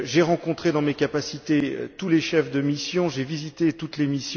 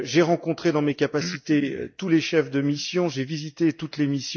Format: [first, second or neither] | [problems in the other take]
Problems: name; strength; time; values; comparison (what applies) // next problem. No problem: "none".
first | noise reduction (neural mask model DeepFilterNet 3)